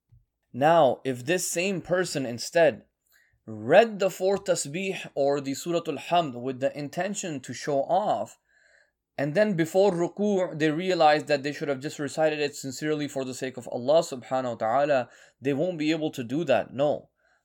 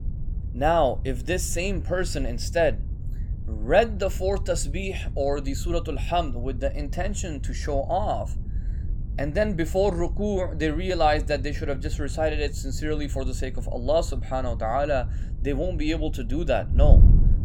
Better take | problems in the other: first | wind noise on the microphone; occasional gusts; 20 dB below the speech

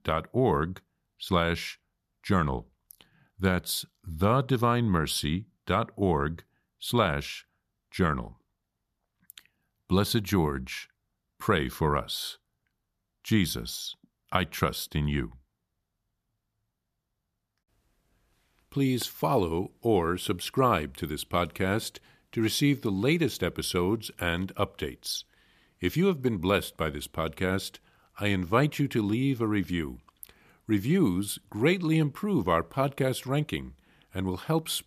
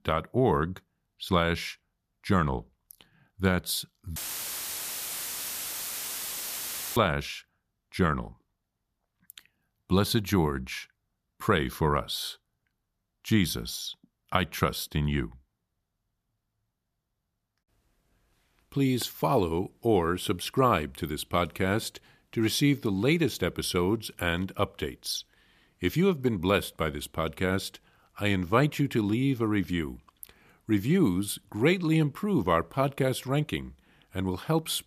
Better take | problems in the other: first | audio cutting out; filled with static; at 4 s for 3 s

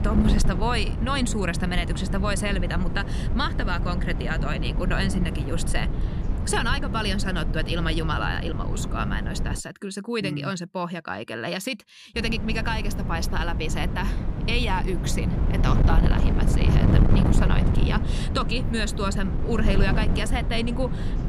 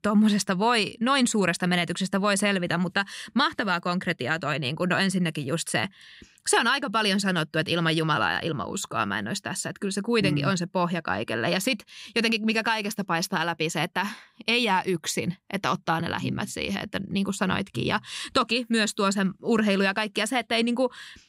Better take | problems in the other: second | wind noise on the microphone; heavy; until 9.5 s and from 12 s on; 7 dB below the speech

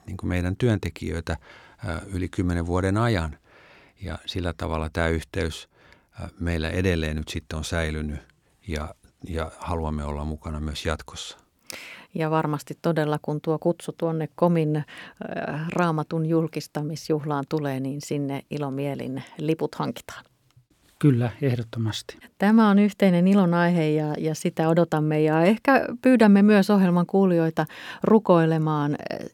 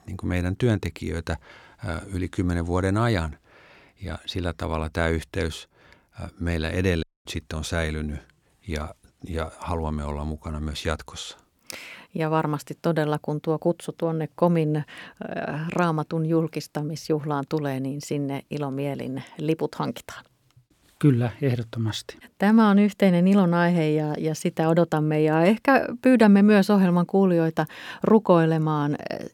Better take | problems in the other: first | audio cutting out; at 7 s

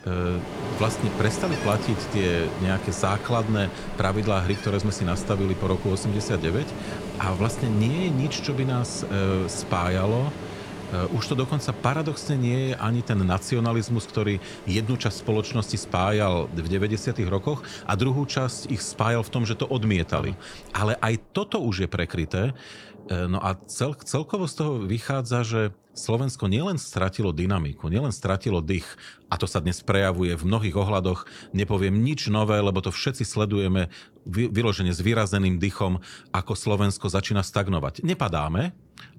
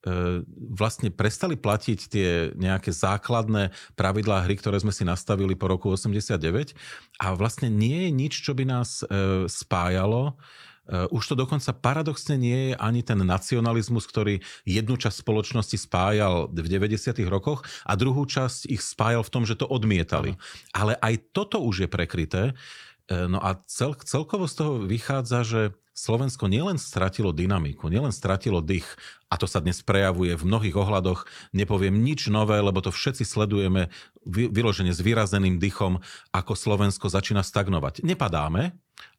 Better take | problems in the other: second | rain or running water; noticeable; throughout; 10 dB below the speech

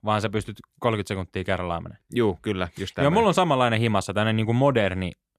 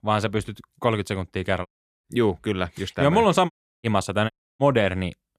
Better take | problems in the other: first | audio cutting out; at 1.5 s, at 3.5 s and at 4.5 s

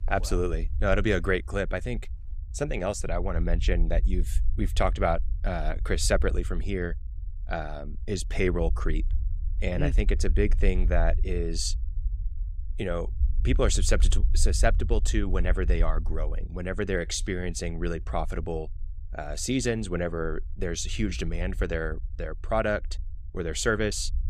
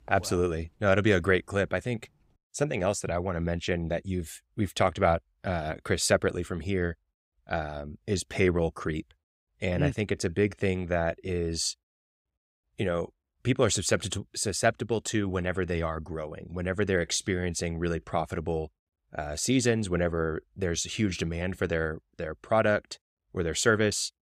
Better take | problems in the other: second | low rumble; faint; throughout; 25 dB below the speech

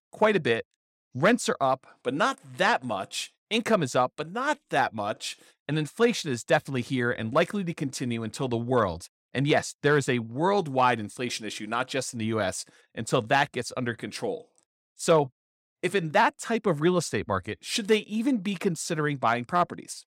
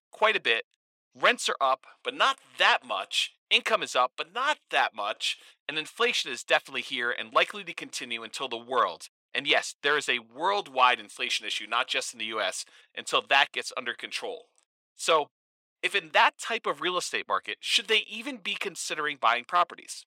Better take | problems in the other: first | thin; very; fading below 550 Hz

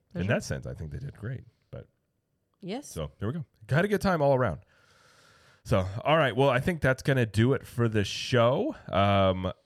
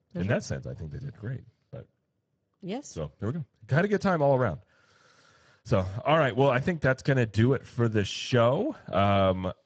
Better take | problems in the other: first | garbled, watery; badly; nothing above 7.5 kHz

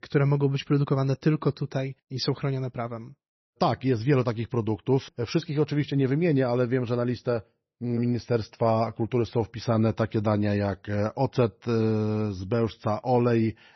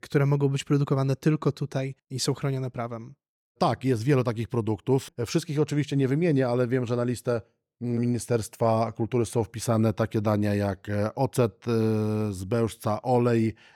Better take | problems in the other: second | garbled, watery; slightly; nothing above 6 kHz

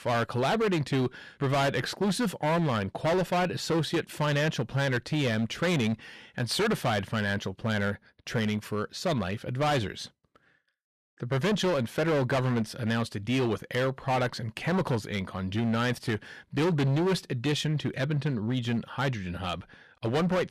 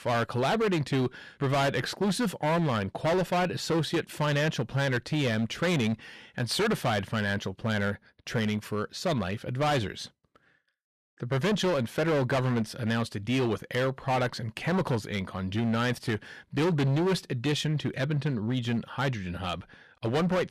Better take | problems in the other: neither | distortion; heavy; 15% of the sound clipped; the same in both

